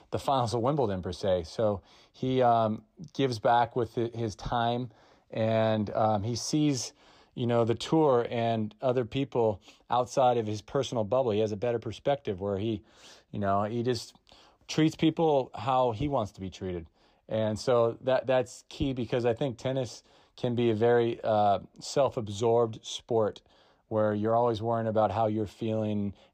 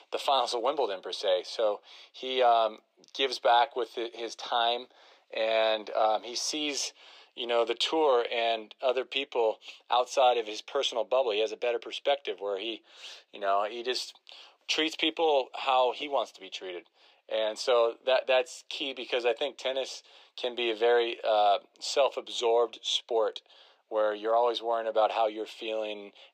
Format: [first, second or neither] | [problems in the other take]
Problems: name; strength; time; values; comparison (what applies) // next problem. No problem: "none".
first | thin; very; fading below 400 Hz